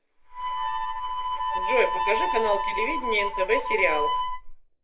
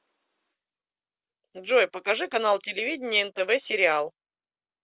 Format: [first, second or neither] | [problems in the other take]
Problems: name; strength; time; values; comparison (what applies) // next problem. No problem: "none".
second | background sound (Harmonica); 1 dB above the speech // room echo; dies away in 0.3 s